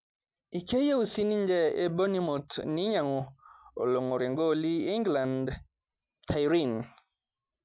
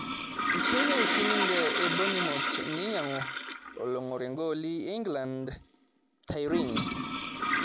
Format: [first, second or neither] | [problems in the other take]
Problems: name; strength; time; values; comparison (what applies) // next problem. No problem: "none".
first | background sound (Toilet flush); 2 dB above the speech